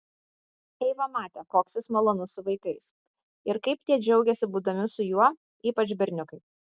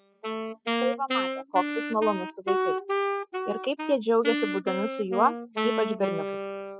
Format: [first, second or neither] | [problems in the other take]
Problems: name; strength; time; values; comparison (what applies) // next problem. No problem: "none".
first | noise reduction (classical method spectral subtraction)